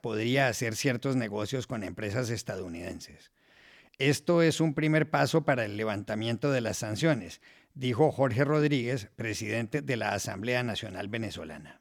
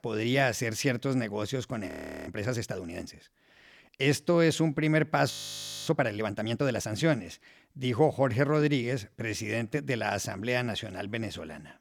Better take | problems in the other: first | audio freezing; at 2 s and at 5.5 s for 0.5 s

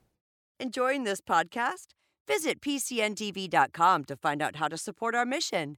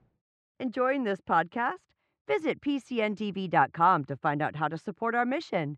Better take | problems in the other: first | muffled; very; fading above 2 kHz

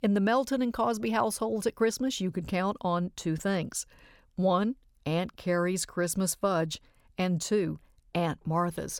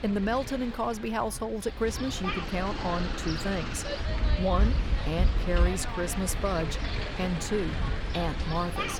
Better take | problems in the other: first | wind noise on the microphone; heavy; 3 dB below the speech

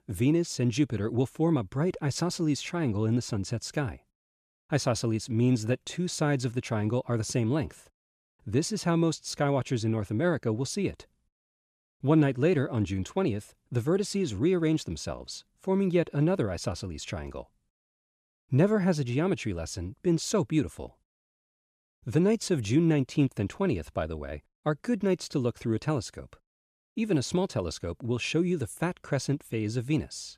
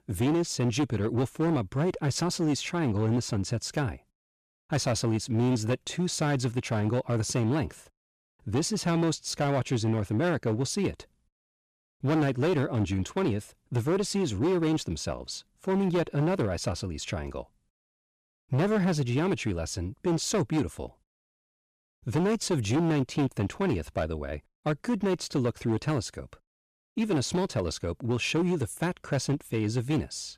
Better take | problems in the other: first | distortion; slight; 11% of the sound clipped

